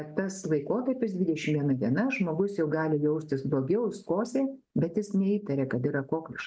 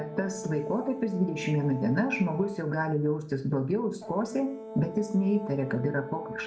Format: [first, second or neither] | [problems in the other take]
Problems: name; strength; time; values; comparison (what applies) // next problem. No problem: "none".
first | background sound (Brass instrument); 12 dB below the speech // room echo; dies away in 0.5 s